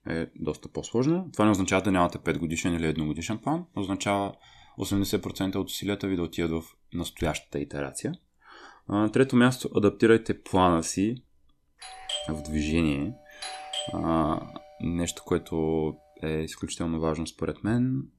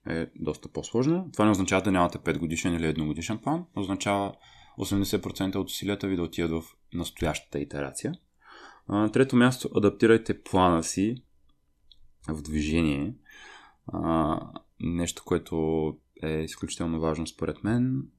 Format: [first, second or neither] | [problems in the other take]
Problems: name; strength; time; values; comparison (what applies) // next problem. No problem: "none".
second | doorbell; noticeable; from 12 to 14 s; peak 5 dB below the speech